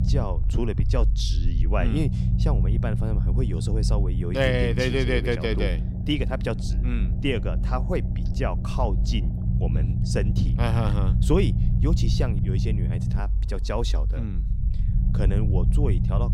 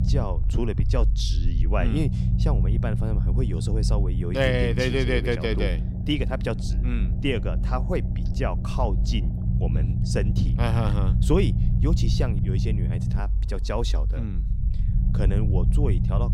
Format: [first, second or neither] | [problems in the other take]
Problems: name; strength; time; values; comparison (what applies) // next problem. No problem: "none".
neither | low rumble; loud; throughout; 8 dB below the speech; the same in both